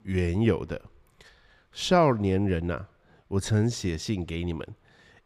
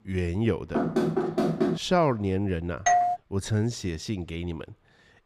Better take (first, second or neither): first